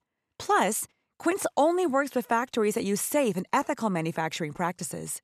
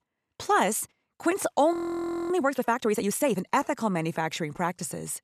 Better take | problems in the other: first | audio freezing; at 1.5 s for 0.5 s

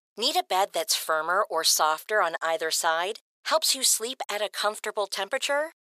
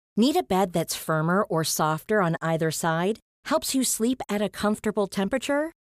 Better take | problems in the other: second | thin; very; fading below 550 Hz

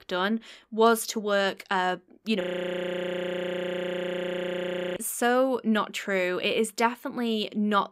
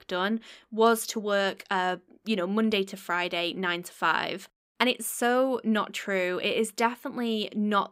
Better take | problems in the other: second | audio freezing; at 2.5 s for 2.5 s

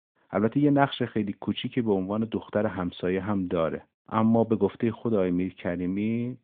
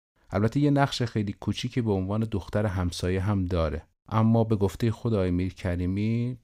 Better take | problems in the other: second | phone-call audio; nothing above 3.5 kHz

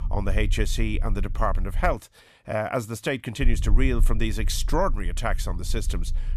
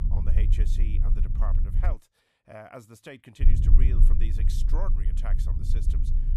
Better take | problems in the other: first | low rumble; loud; until 2 s and from 3.5 s on; 2 dB below the speech; faint in the first

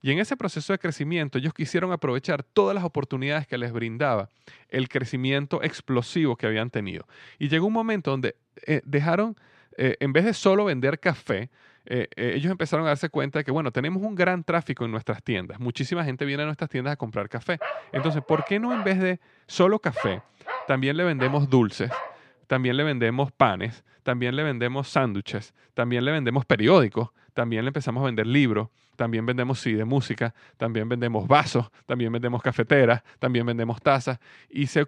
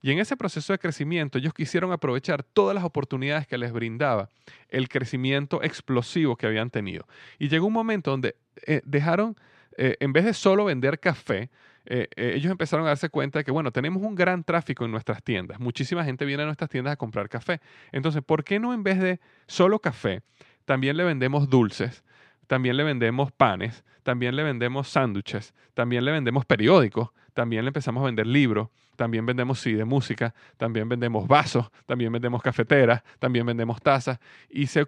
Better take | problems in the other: second | dog barking; noticeable; from 18 to 22 s; peak 7 dB below the speech

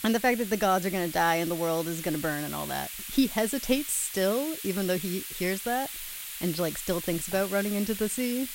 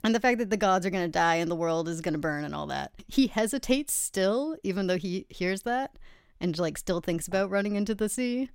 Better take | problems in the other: second | hiss; loud; throughout; 7 dB below the speech

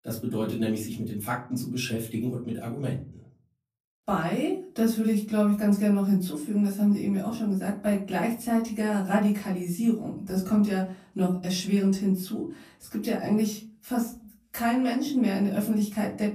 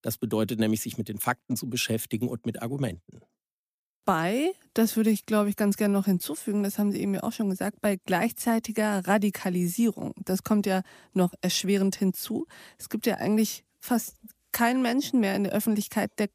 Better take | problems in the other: second | off-mic speech; far // room echo; slight; dies away in 0.4 s

